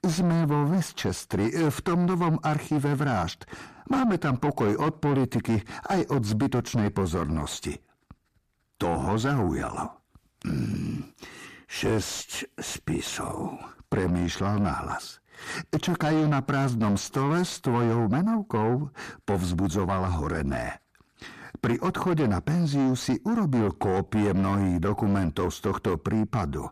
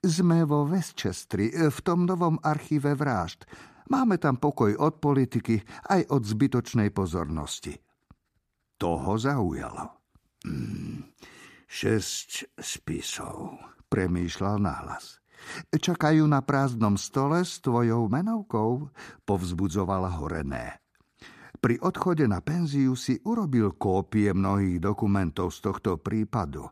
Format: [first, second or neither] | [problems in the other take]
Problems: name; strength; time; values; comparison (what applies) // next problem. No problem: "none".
second | distortion; heavy; 8 dB below the speech